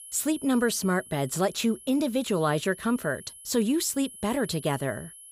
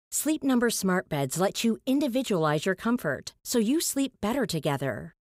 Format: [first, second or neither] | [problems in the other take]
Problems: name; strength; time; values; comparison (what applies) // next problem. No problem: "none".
second | high-pitched whine; noticeable; throughout; 10.5 kHz, 15 dB below the speech